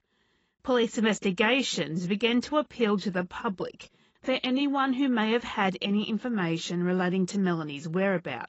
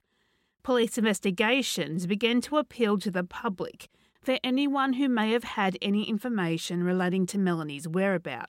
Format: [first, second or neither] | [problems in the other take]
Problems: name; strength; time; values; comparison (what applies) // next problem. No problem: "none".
second | garbled, watery; badly; nothing above 7.5 kHz